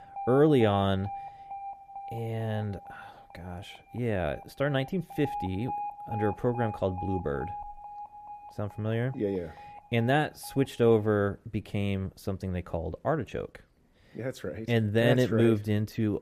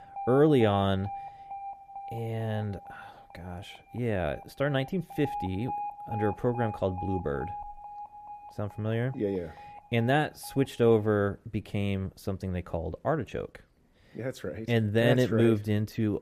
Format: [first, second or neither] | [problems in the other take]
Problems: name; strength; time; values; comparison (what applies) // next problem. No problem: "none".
neither | alarms or sirens; noticeable; until 11 s; 10 dB below the speech; the same in both